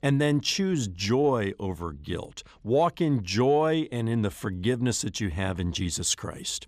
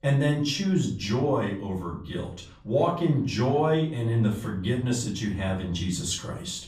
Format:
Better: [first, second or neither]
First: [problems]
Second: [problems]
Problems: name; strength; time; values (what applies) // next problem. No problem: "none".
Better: first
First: none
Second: room echo; slight; dies away in 0.4 s // off-mic speech; far